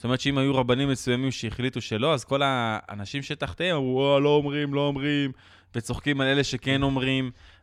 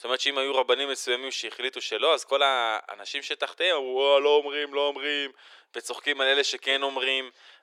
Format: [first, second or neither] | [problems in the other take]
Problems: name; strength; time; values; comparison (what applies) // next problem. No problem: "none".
first | thin; very; fading below 400 Hz